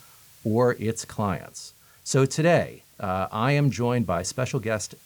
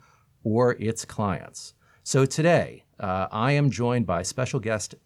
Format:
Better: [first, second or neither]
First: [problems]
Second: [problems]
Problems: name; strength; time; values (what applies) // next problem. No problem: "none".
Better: second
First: hiss; faint; throughout; 25 dB below the speech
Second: none